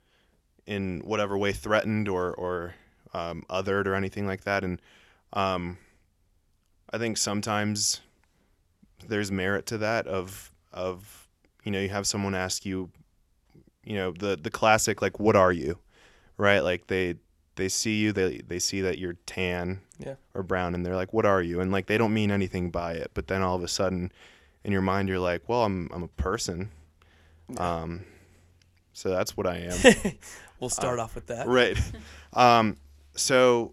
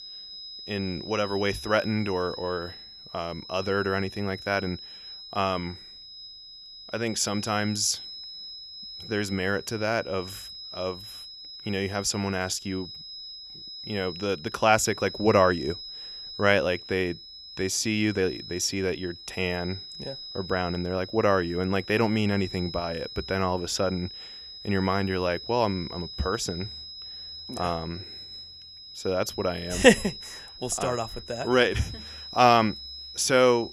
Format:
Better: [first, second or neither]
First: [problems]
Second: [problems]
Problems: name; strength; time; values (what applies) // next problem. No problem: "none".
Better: first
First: none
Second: high-pitched whine; noticeable; throughout; 5 kHz, 10 dB below the speech